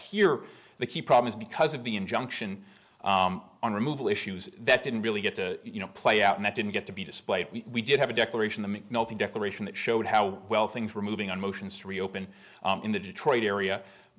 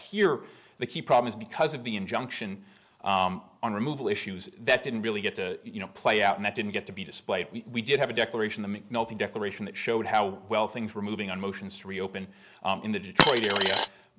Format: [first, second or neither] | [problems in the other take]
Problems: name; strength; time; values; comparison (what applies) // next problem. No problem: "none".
first | background sound (Coin (dropping)); 4 dB above the speech